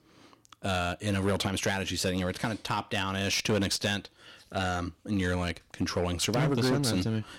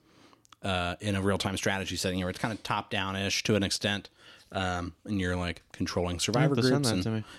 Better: second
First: distortion; slight; 6% of the sound clipped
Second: none

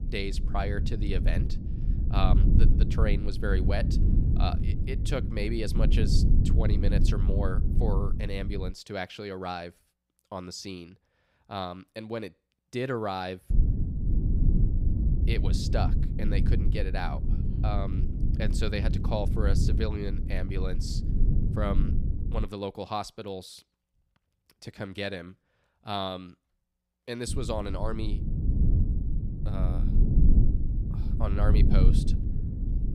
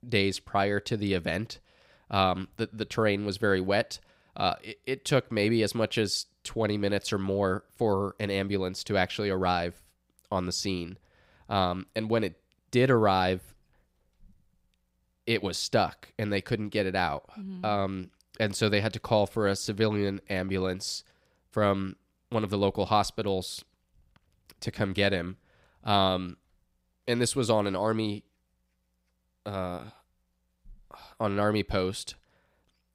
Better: second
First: low rumble; loud; until 8.5 s, from 14 to 22 s and from 27 s on; 6 dB below the speech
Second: none

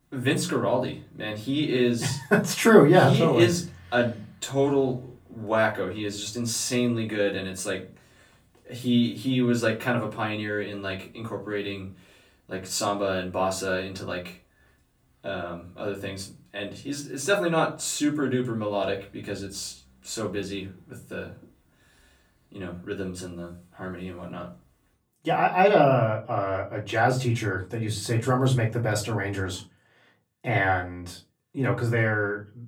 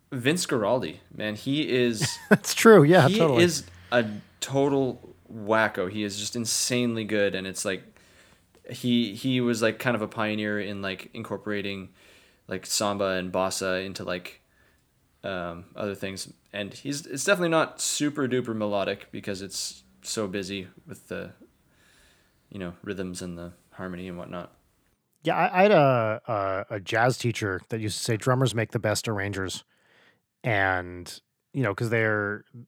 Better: second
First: off-mic speech; far // room echo; very slight; dies away in 0.3 s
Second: none

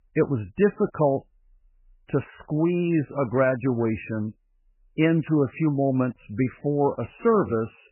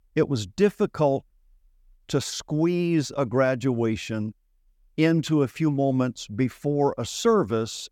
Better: second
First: garbled, watery; badly; nothing above 3 kHz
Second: none

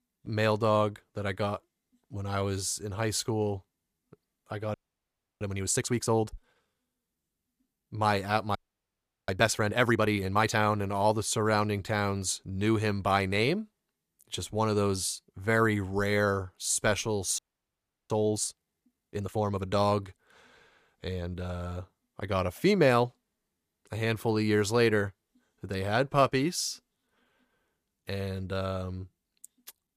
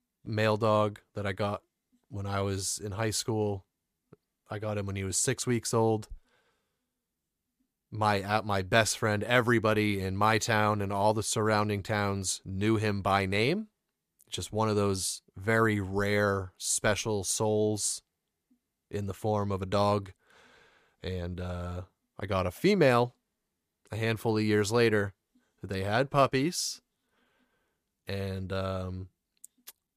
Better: second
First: audio freezing; at 4.5 s for 0.5 s, at 8.5 s for 0.5 s and at 17 s for 0.5 s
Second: none

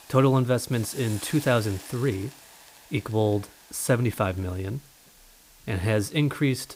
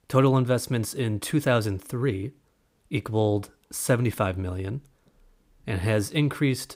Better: second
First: hiss; noticeable; throughout; 20 dB below the speech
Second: none

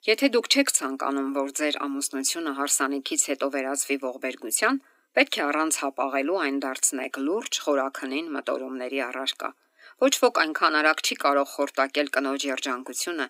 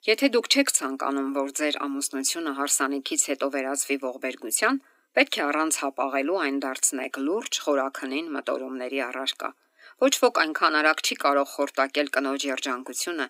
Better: neither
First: thin; very slightly; fading below 300 Hz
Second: thin; very slightly; fading below 300 Hz

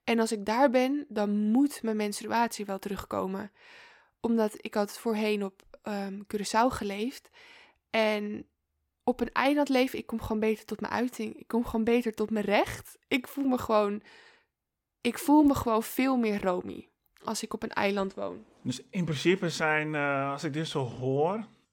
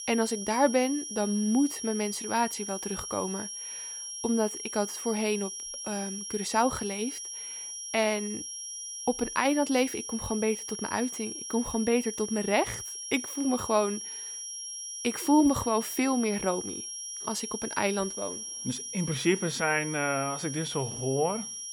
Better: first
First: none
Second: high-pitched whine; loud; throughout; 5.5 kHz, 6 dB below the speech

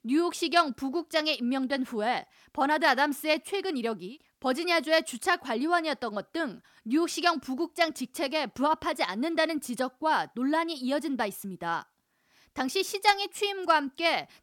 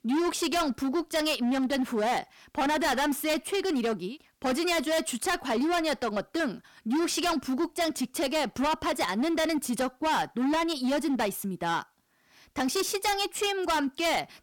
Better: first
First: none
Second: distortion; heavy; 20% of the sound clipped

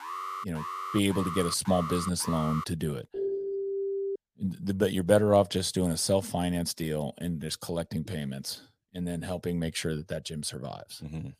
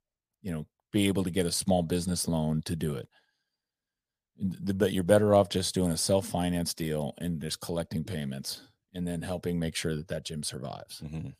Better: second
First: alarm; noticeable; until 2.5 s; peak 6 dB below the speech // phone ringing; noticeable; from 3 to 4 s; peak 2 dB below the speech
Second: none

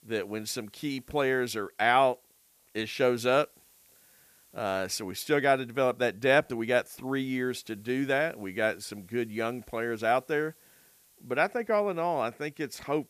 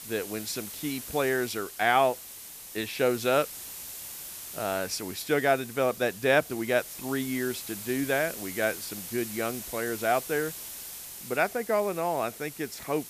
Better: first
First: hiss; faint; throughout; 30 dB below the speech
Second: hiss; loud; throughout; 10 dB below the speech

